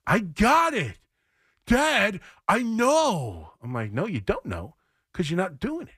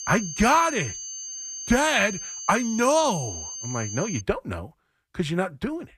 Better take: first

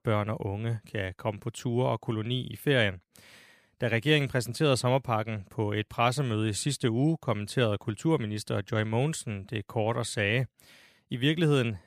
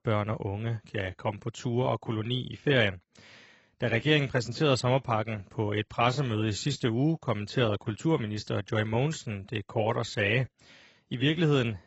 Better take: first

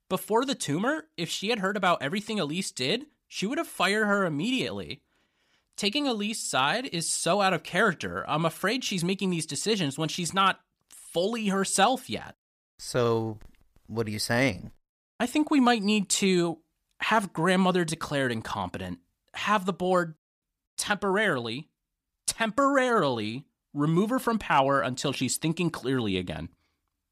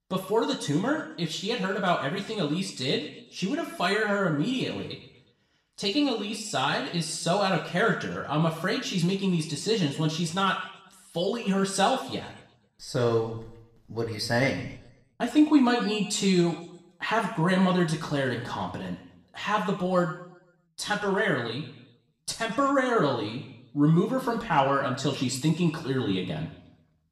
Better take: first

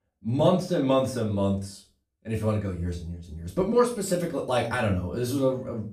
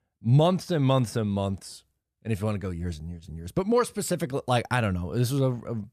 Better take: second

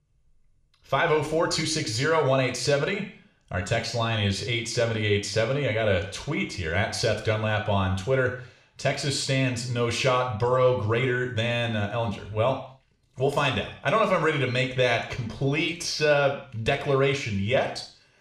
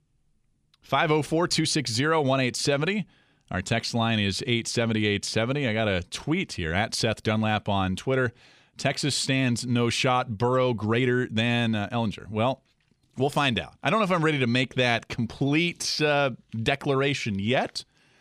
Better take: second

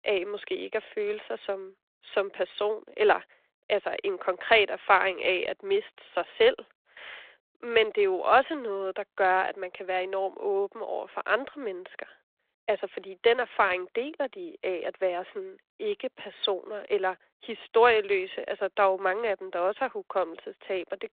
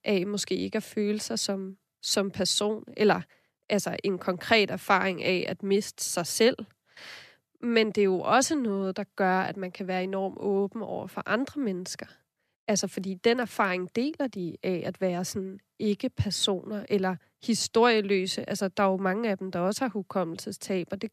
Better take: second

